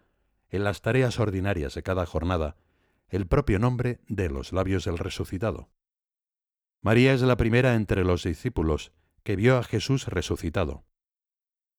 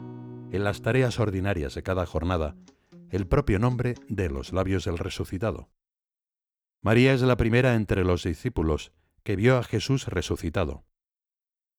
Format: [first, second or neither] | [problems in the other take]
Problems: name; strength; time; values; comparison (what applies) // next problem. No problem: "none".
first | background music; very faint; until 4.5 s; 20 dB below the speech